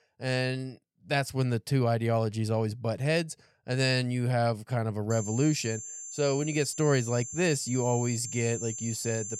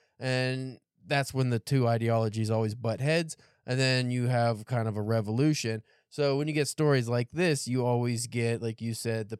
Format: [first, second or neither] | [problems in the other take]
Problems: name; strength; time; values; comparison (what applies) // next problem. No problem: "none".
second | high-pitched whine; loud; from 5 s on; 7.5 kHz, 8 dB below the speech